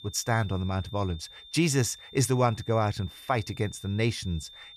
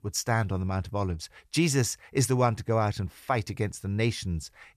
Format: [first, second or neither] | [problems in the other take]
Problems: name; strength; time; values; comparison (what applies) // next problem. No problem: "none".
second | high-pitched whine; noticeable; throughout; 3.5 kHz, 20 dB below the speech